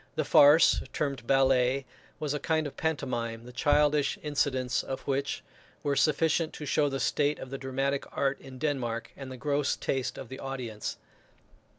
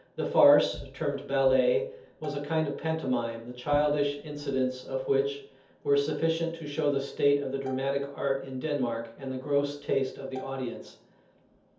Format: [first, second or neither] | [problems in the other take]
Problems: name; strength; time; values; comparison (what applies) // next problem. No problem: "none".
first | background sound (Bowed string instrument); 20 dB below the speech // room echo; dies away in 0.5 s